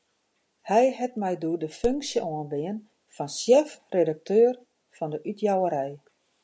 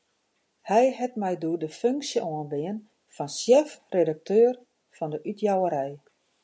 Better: second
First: background sound (Crack); 17 dB below the speech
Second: none

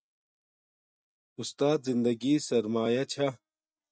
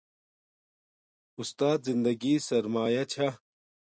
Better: second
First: noise reduction (neural mask model DeepFilterNet 3)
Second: none

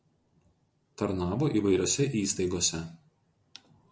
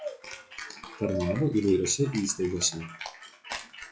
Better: first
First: none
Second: noise reduction (classical method log-MMSE)

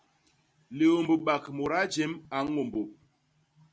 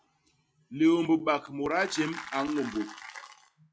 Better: first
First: none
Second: noise reduction (classical method log-MMSE)

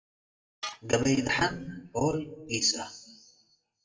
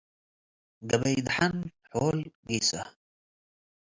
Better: second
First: noise reduction (classical method WPE with log-MMSE)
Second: none

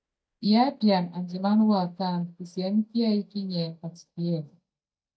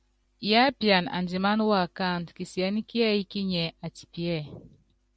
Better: second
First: noise reduction (neural mask model DeepFilterNet 3)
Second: none

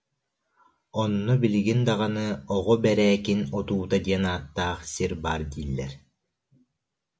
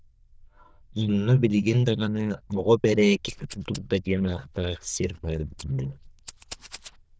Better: first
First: none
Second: noise reduction (neural diffusion model UNIVERSE++)

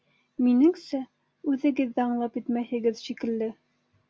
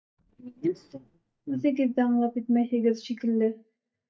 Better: first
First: none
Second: noise reduction (neural mask model DeepFilterNet 3)

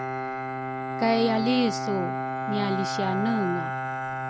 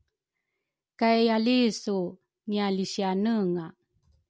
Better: second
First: background sound (Bowed string instrument); 2 dB below the speech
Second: none

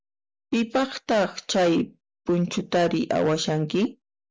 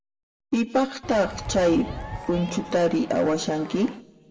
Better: first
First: none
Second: background sound (Crowd); 12 dB below the speech // room echo; dies away in 1.2 s

